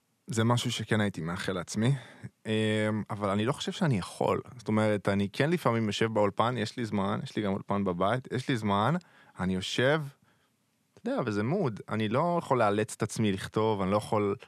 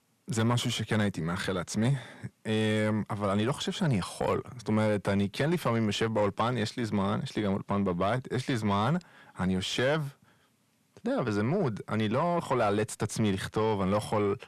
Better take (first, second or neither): first